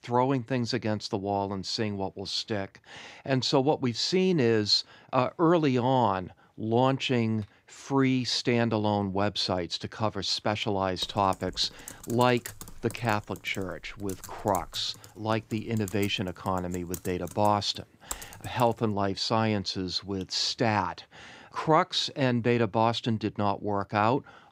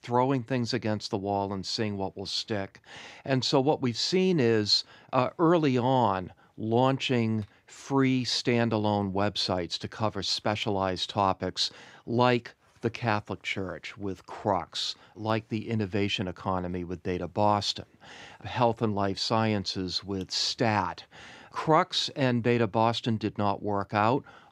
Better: second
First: keyboard typing; faint; from 11 to 19 s; peak 10 dB below the speech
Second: none

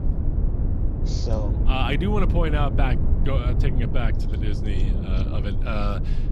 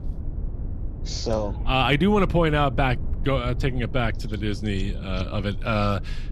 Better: second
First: low rumble; loud; throughout; 7 dB below the speech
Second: low rumble; faint; throughout; 20 dB below the speech

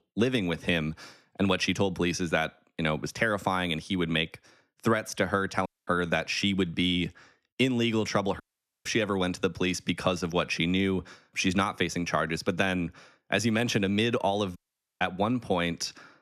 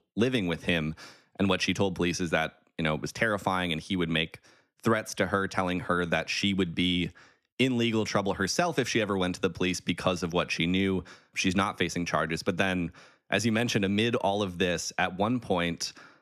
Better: second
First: audio cutting out; at 5.5 s, at 8.5 s and at 15 s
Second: none

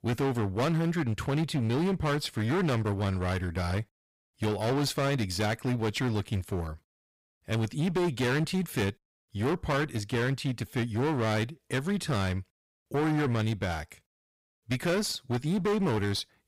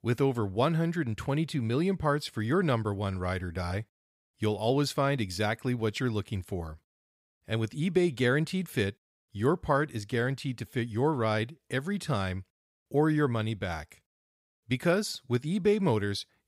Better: second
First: distortion; heavy; 22% of the sound clipped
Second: none

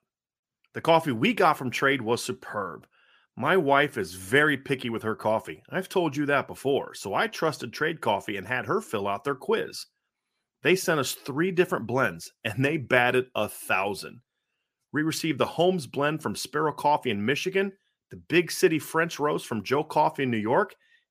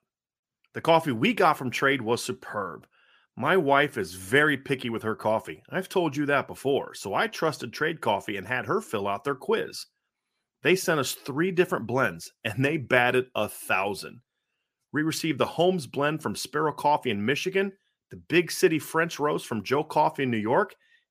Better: neither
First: none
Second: none

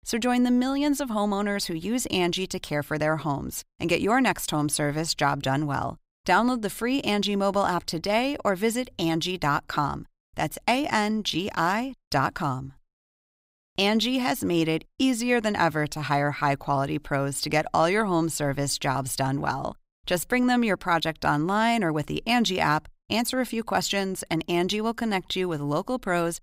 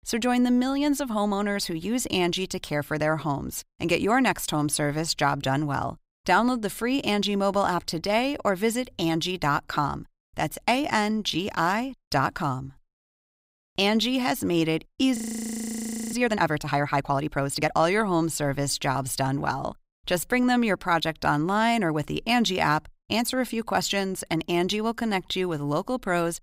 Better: first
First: none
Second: audio freezing; at 15 s for 1 s

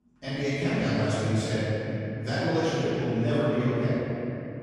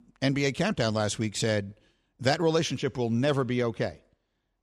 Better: second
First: off-mic speech; far // room echo; strong; dies away in 3 s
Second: none

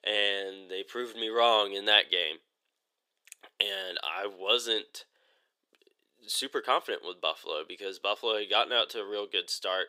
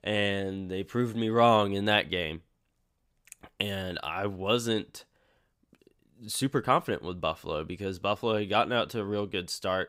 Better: second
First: thin; very; fading below 400 Hz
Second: none

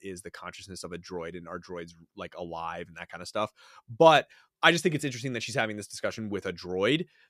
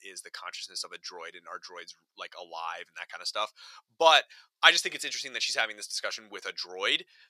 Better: first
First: none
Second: thin; very; fading below 850 Hz

